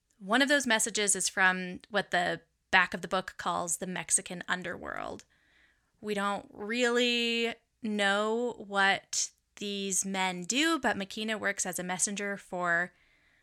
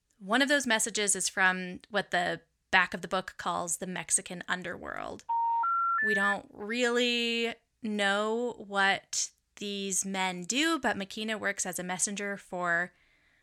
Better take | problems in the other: first | phone ringing; loud; from 5.5 to 6.5 s; peak 3 dB above the speech

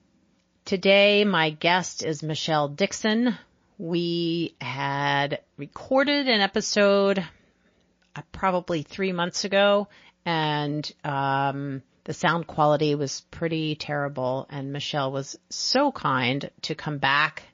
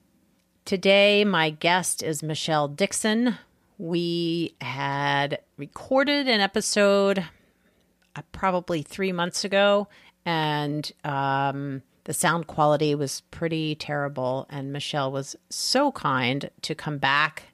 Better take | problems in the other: second | garbled, watery; slightly; nothing above 6 kHz

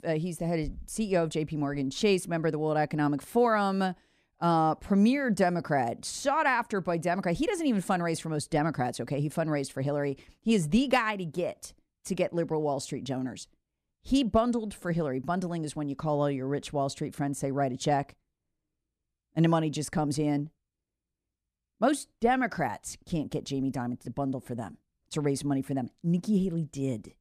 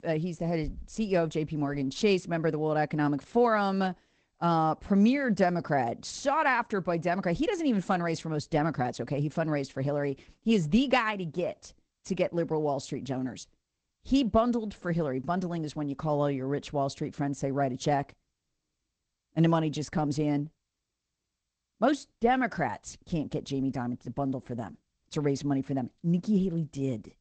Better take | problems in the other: first | garbled, watery; slightly; nothing above 8 kHz

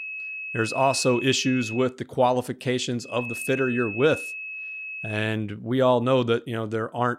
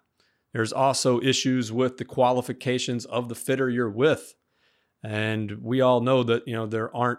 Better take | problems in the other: second | high-pitched whine; loud; until 2 s and from 3 to 5 s; 2.5 kHz, 8 dB below the speech

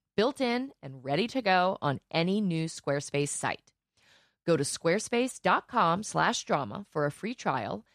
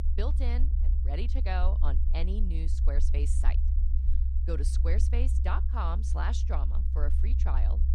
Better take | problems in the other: first | low rumble; loud; throughout; 8 dB below the speech

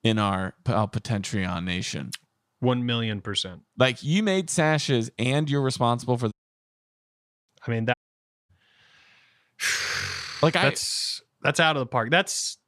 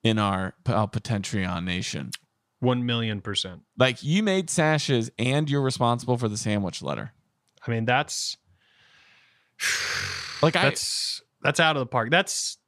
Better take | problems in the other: second | audio cutting out; at 6.5 s for 1 s and at 8 s for 0.5 s

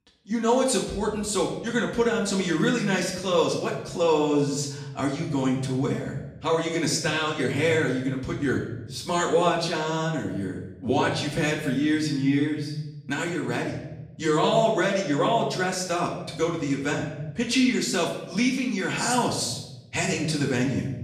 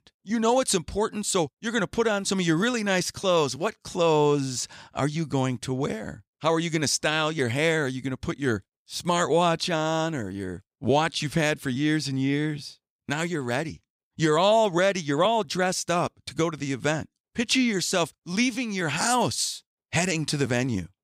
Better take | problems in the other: second | off-mic speech; far // room echo; noticeable; dies away in 1 s

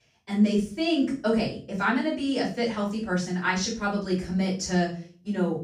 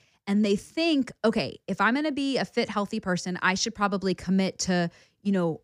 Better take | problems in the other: second | off-mic speech; far // room echo; noticeable; dies away in 0.4 s

